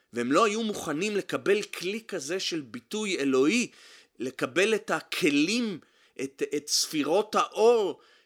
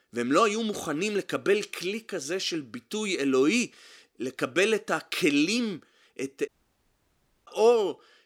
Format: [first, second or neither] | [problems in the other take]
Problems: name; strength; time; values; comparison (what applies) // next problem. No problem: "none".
first | audio cutting out; at 6.5 s for 1 s